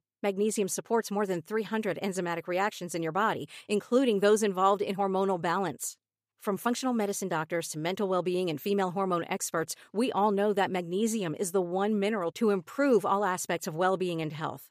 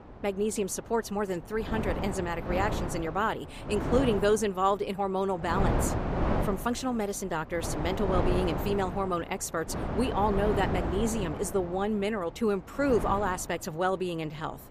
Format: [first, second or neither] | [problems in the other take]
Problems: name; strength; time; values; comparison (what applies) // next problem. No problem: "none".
first | wind noise on the microphone; heavy; 6 dB below the speech